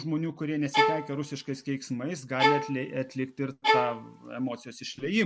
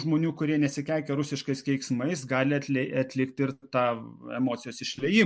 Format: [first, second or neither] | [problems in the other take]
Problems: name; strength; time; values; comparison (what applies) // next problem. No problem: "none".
second | background sound (Bowed string instrument); 3 dB above the speech